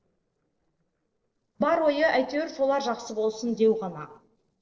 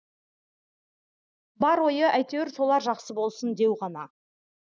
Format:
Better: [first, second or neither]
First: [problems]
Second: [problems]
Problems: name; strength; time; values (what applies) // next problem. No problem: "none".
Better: second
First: noise reduction (neural separator model SepFormer DNS4)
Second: none